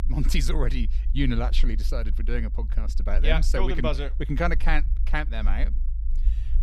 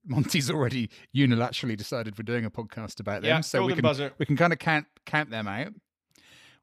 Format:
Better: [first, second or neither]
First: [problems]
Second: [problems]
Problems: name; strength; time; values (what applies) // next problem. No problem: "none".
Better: second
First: low rumble; faint; throughout; 20 dB below the speech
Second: none